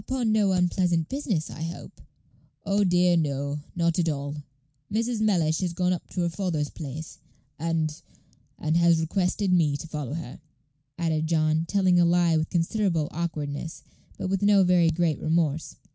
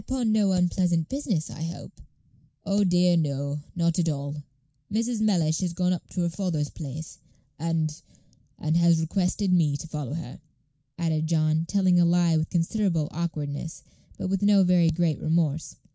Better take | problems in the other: first | noise reduction (neural mask model Resemble Enhance denoiser)

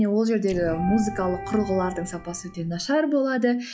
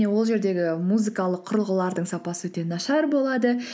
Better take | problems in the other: second | noise reduction (classical method log-MMSE)

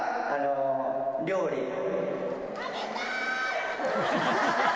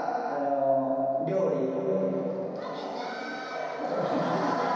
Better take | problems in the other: first | room echo; dies away in 1 s

